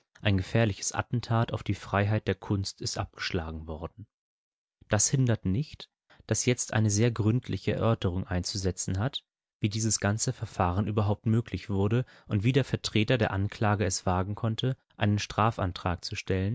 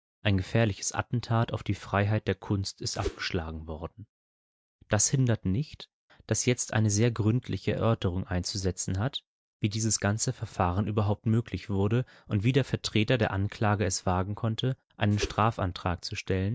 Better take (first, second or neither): first